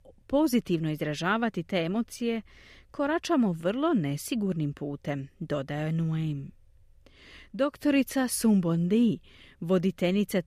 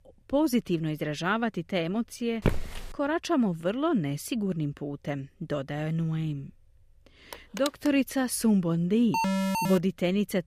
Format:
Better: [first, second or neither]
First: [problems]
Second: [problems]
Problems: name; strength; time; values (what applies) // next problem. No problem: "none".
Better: first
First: none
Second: footsteps; noticeable; at 2.5 s; peak 2 dB below the speech // phone ringing; noticeable; at 7.5 s; peak 9 dB below the speech // alarm; loud; at 9 s; peak 2 dB above the speech